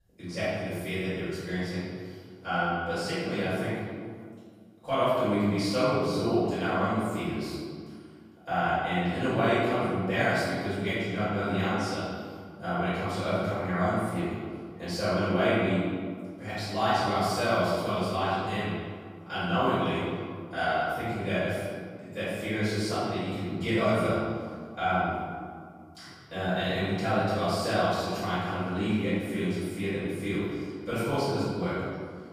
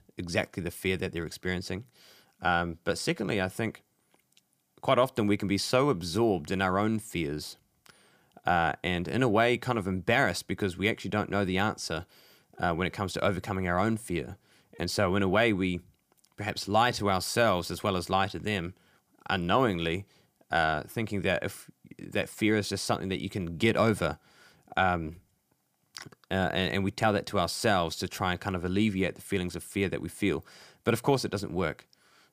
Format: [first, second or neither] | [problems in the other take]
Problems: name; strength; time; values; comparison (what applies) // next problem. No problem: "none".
second | off-mic speech; far // room echo; strong; dies away in 1.7 s